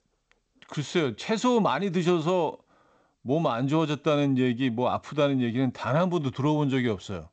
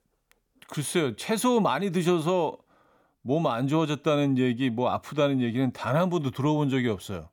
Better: second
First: garbled, watery; slightly; nothing above 7.5 kHz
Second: none

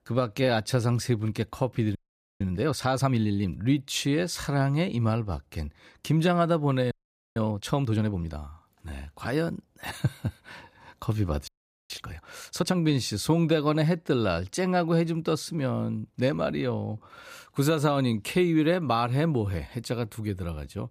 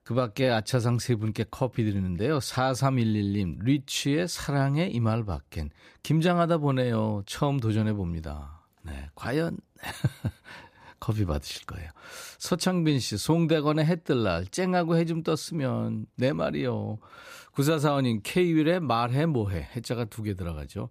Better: second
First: audio freezing; at 2 s, at 7 s and at 11 s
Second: none

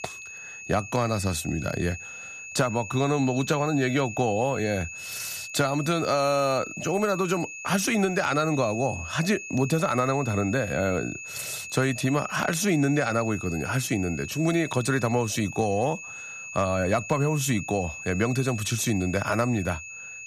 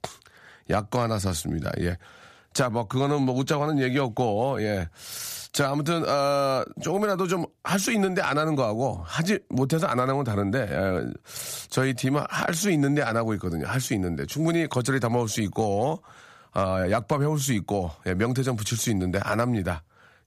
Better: second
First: high-pitched whine; noticeable; throughout; 2.5 kHz, 10 dB below the speech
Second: none

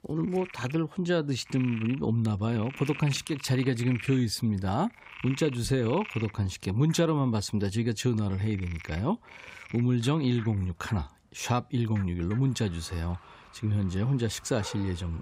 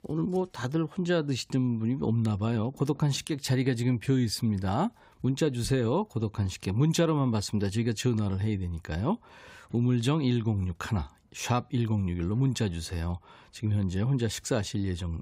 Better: second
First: animal sounds; noticeable; throughout; 15 dB below the speech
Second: none

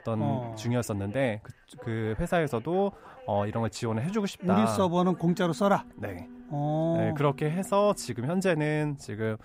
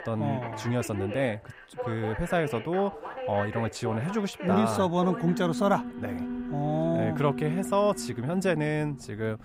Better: first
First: alarms or sirens; faint; throughout; 20 dB below the speech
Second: alarms or sirens; loud; throughout; 8 dB below the speech

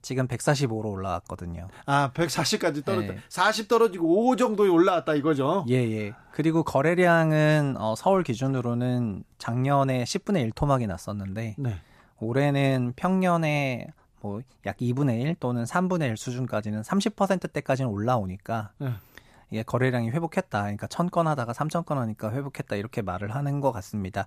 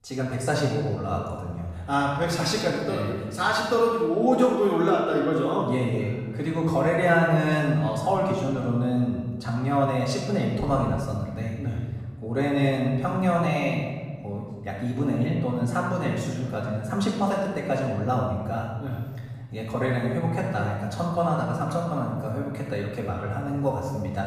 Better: first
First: none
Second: off-mic speech; far // room echo; noticeable; dies away in 1.3 s

